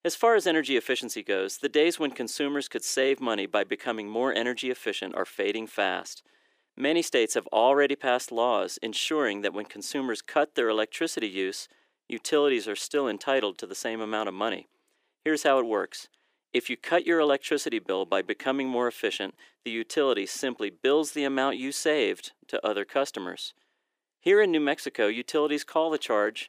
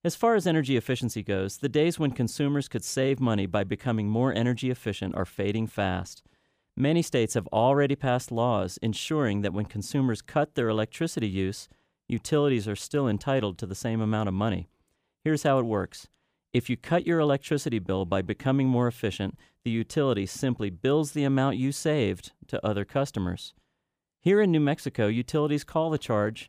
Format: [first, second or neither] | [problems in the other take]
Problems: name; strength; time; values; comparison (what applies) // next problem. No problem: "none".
second | thin; somewhat; fading below 350 Hz